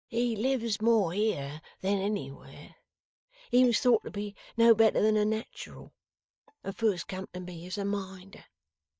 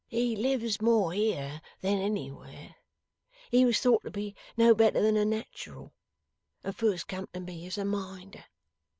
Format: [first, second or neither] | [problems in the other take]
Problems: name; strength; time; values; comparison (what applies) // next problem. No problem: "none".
second | noise reduction (neural mask model DeepFilterNet 3)